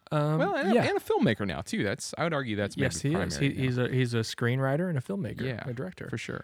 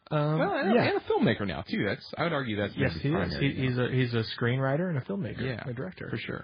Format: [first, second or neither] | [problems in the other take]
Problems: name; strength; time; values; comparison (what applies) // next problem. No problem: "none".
first | garbled, watery; badly